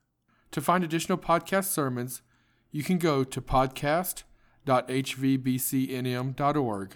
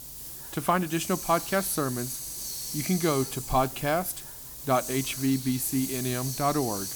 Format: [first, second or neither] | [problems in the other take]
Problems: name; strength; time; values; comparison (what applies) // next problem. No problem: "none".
first | hiss; loud; throughout; 6 dB below the speech